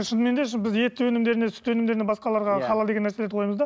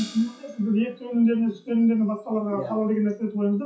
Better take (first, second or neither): first